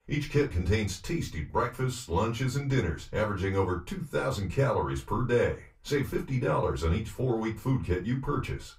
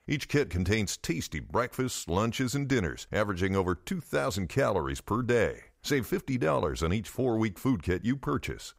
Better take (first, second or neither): second